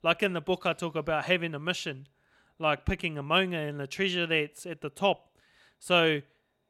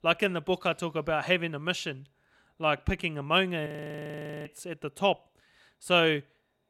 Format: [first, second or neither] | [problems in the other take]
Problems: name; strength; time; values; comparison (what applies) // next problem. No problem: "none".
first | audio freezing; at 3.5 s for 1 s